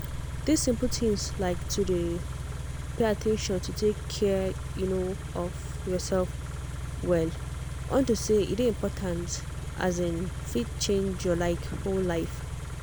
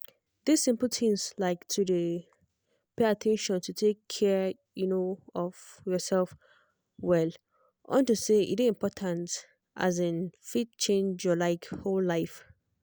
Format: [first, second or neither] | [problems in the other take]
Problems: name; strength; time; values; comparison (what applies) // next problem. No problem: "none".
second | background sound (Idling / Car); 5 dB below the speech